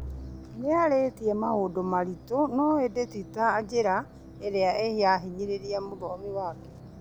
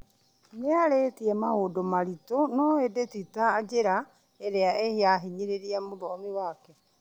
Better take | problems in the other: second | background sound (Musical instrument); 16 dB below the speech

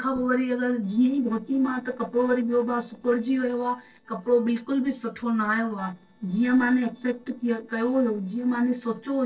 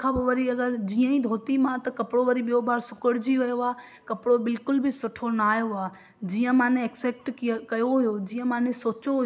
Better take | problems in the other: second | noise reduction (neural separator model SepFormer DNS4)

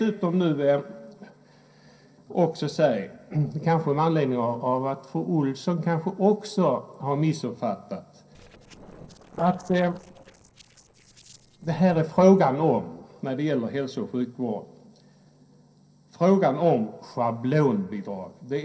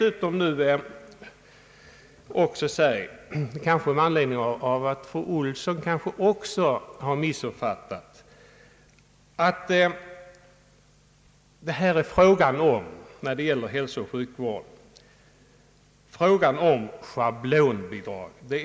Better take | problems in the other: second | noise reduction (neural separator model SepFormer DNS4)

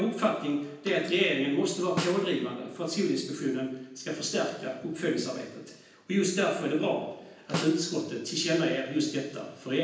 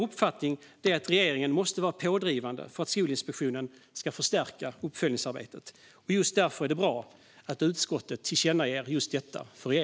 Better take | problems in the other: second | background sound (Snare drum); 10 dB below the speech // room echo; dies away in 0.9 s

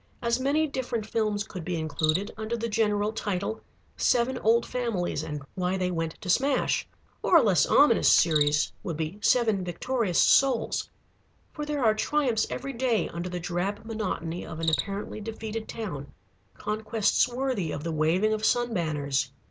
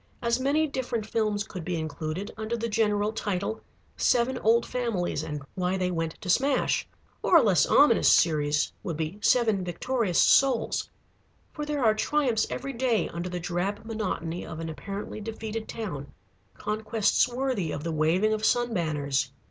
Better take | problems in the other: second | background sound (Cricket); 16 dB below the speech

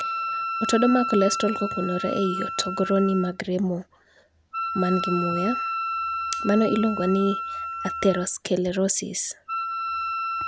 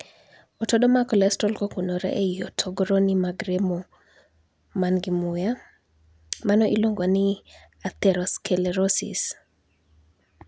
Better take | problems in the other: second | background sound (Wind instrument, woodwind instrument); 5 dB below the speech

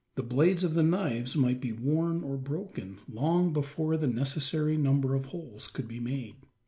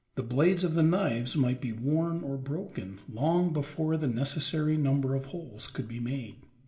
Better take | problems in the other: first | room echo; dies away in 0.3 s

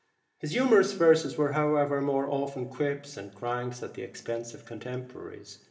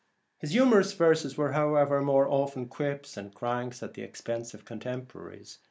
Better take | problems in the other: second | room echo; dies away in 0.9 s

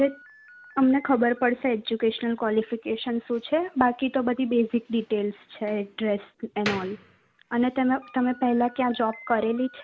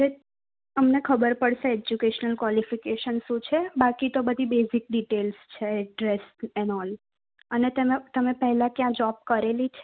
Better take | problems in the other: second | background sound (Slam); 20 dB below the speech

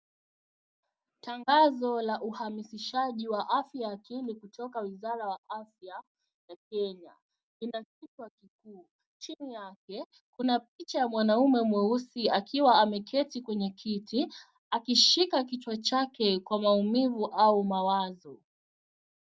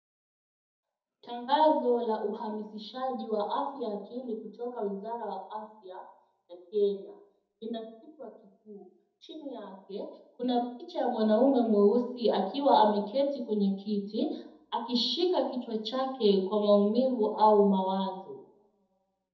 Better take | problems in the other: first | room echo; dies away in 0.7 s

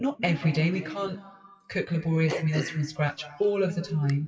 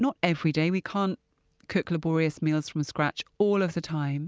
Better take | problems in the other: second | noise reduction (classical method WPE with log-MMSE)

